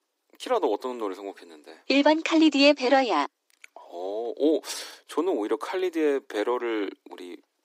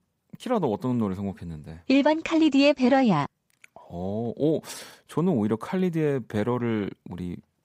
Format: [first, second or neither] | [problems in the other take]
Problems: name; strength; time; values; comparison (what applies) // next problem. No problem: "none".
second | thin; very slightly; fading below 300 Hz